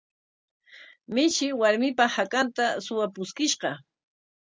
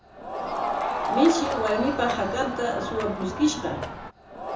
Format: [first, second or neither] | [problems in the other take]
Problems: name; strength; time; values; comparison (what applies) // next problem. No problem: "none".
first | background sound (Crowd); 3 dB below the speech // room echo; dies away in 0.6 s